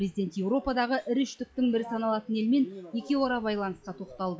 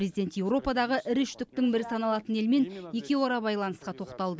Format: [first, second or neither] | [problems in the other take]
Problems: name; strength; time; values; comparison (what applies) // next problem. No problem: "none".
second | noise reduction (classical method log-MMSE)